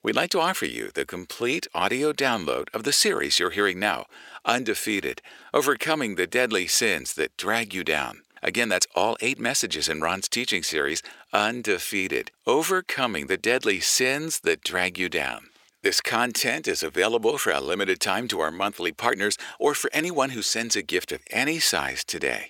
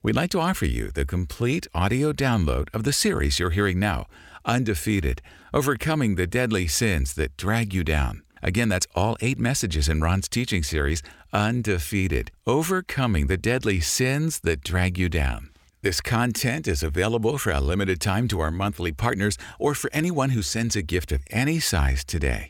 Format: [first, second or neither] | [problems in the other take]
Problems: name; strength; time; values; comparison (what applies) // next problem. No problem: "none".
second | thin; somewhat; fading below 400 Hz